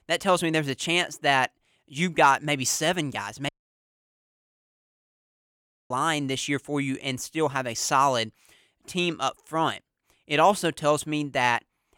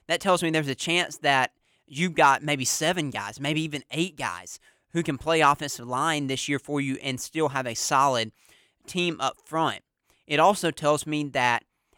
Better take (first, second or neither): second